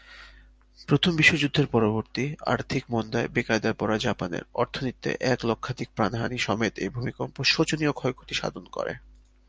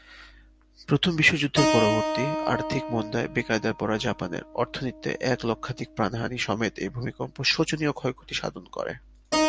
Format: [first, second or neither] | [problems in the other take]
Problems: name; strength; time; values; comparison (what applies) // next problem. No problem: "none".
first | background sound (Keyboard (musical)); 5 dB below the speech